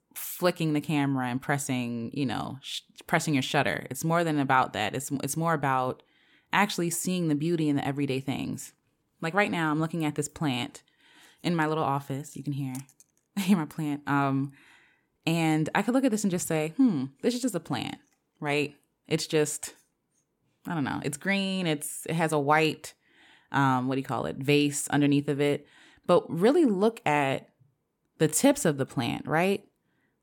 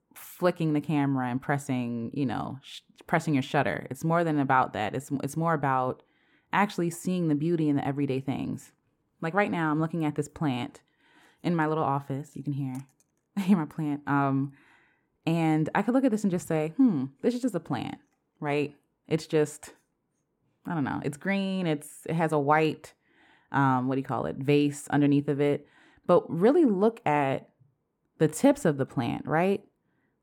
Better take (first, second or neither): first